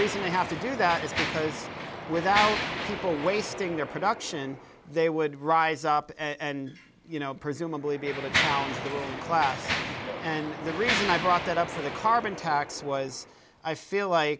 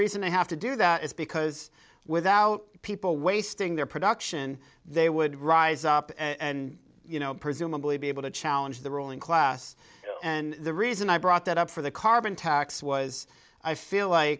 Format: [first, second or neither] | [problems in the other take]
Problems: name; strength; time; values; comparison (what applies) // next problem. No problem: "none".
second | background sound (Mechanisms); 6 dB below the speech